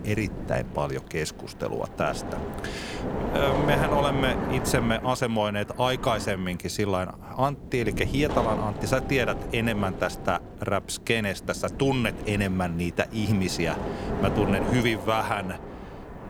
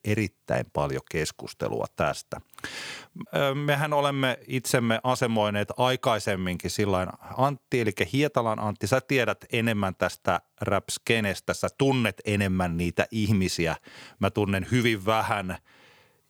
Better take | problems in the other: second | wind noise on the microphone; heavy; 6 dB below the speech

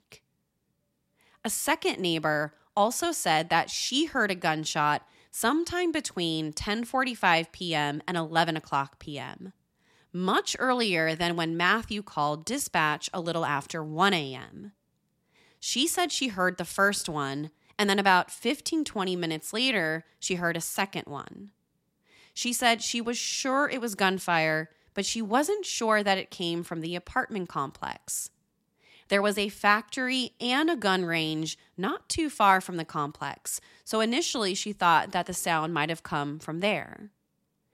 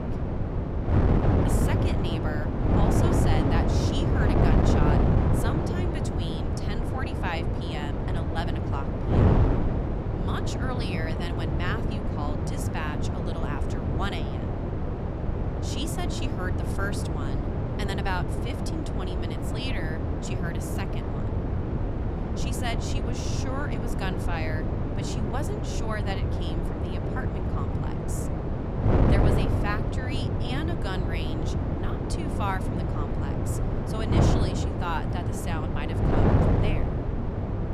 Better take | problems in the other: first | wind noise on the microphone; heavy; 2 dB above the speech

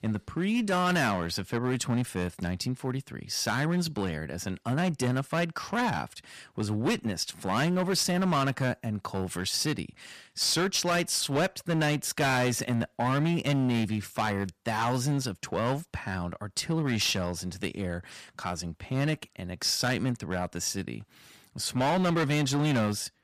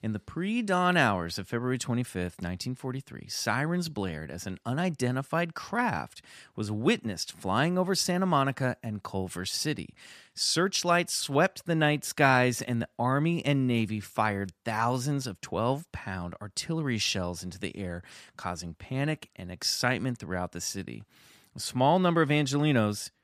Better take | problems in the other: second | distortion; heavy; 10% of the sound clipped

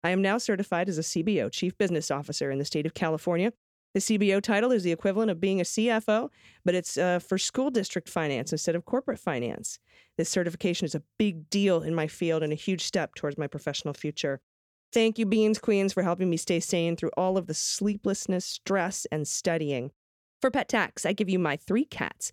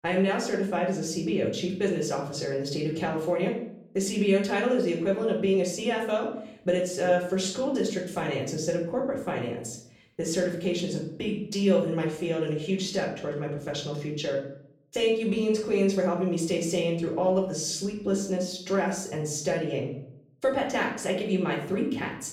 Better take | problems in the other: first | room echo; slight; dies away in 0.6 s // off-mic speech; far

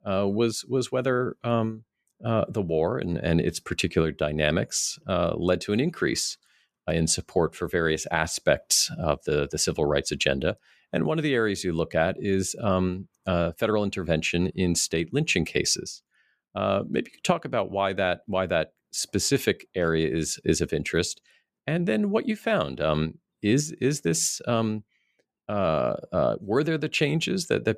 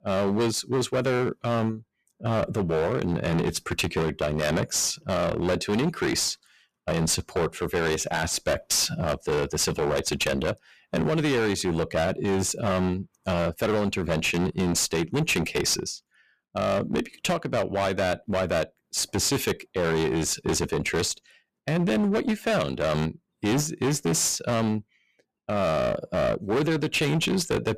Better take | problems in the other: first | distortion; heavy; 18% of the sound clipped

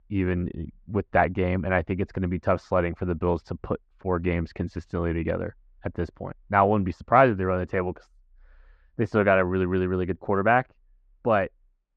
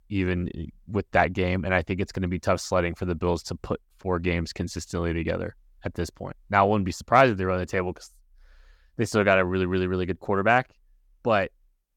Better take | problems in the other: second | muffled; very; fading above 2 kHz

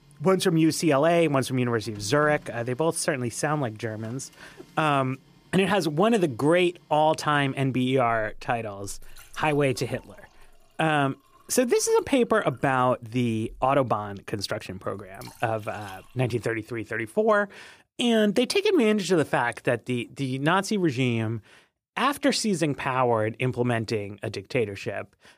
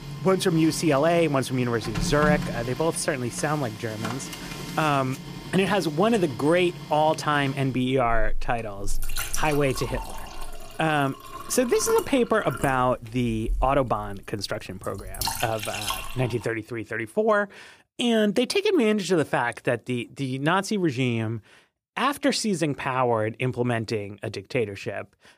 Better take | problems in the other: first | household noises; loud; until 16 s; 10 dB below the speech; faint in the first

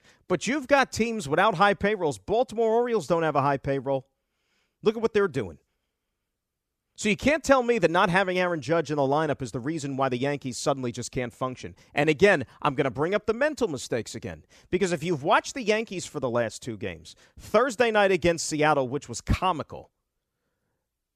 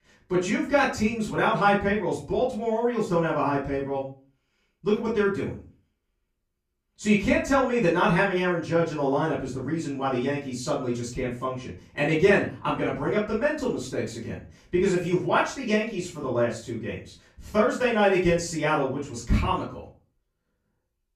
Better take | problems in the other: first | room echo; slight; dies away in 0.3 s // off-mic speech; far

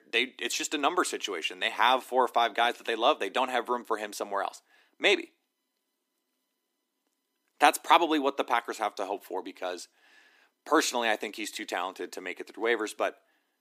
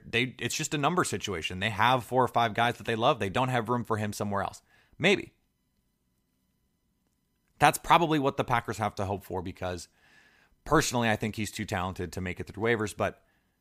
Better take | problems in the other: second | thin; somewhat; fading below 300 Hz

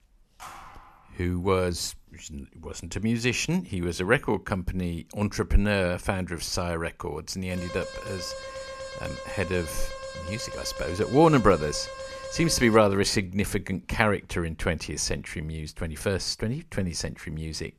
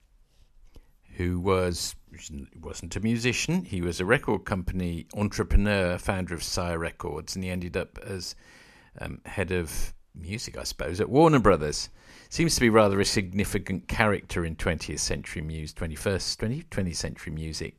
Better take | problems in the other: second | phone ringing; faint; at 0.5 s; peak 15 dB below the speech // alarm; faint; from 7.5 to 13 s; peak 10 dB below the speech

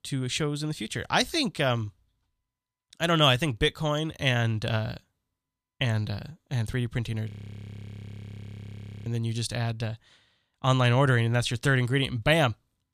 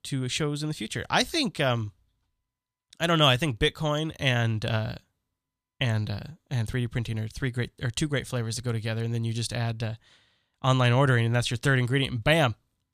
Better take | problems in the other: second | audio freezing; at 7.5 s for 2 s

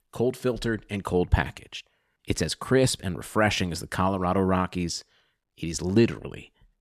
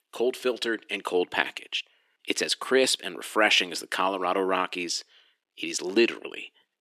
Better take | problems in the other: first | thin; somewhat; fading below 300 Hz

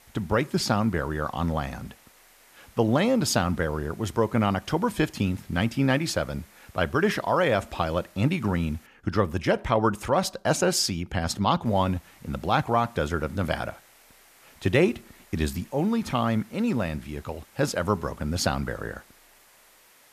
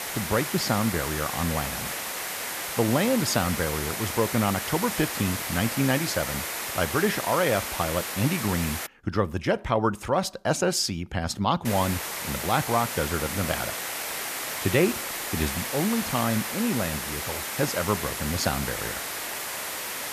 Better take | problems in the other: first | hiss; loud; until 9 s and from 12 s on; 3 dB below the speech; faint in the first

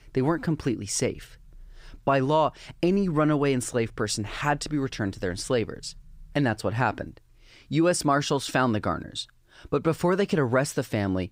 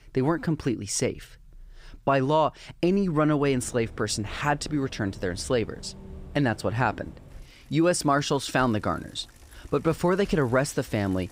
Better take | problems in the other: first | traffic noise; faint; from 3.5 s on; 20 dB below the speech

